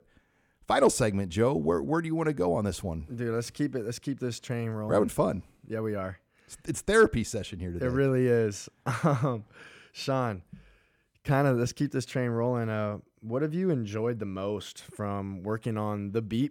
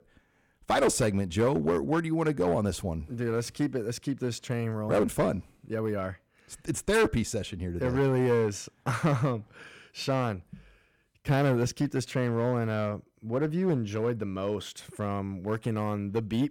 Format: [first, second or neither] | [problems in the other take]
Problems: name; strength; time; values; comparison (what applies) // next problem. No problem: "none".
first | distortion; slight; 5% of the sound clipped